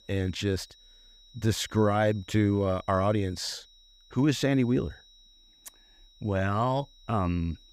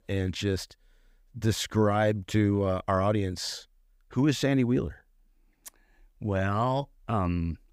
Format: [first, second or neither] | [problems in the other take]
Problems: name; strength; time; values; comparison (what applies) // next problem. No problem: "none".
second | high-pitched whine; faint; throughout; 4 kHz, 25 dB below the speech